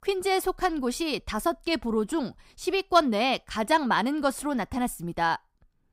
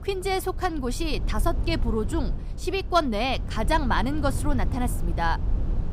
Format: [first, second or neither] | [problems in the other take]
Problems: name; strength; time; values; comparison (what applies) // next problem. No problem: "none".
first | low rumble; noticeable; throughout; 15 dB below the speech